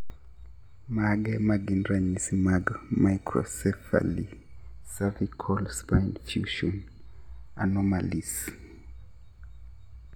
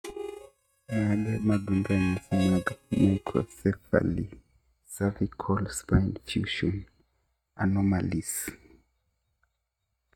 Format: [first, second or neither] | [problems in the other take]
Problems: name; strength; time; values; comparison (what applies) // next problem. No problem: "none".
first | noise reduction (neural mask model RNNoise)